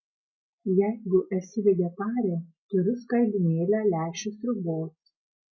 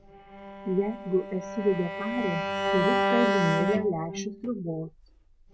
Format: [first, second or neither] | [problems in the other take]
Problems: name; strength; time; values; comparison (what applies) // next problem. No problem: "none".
first | background sound (Bowed string instrument); 1 dB below the speech